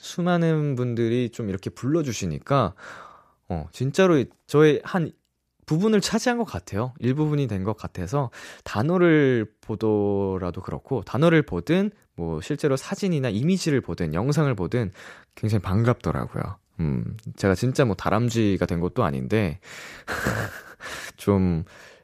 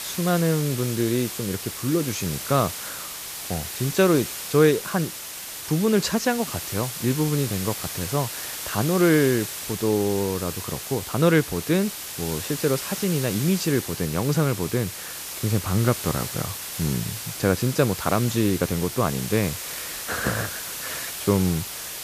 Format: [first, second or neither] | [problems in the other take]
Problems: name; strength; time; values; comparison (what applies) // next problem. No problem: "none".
first | hiss; loud; throughout; 7 dB below the speech